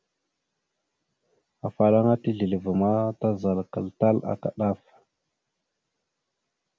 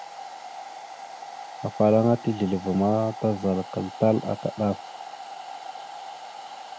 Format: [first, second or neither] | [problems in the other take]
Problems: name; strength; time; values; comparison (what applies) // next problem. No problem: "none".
first | background sound (Domestic sounds, home sounds); 12 dB below the speech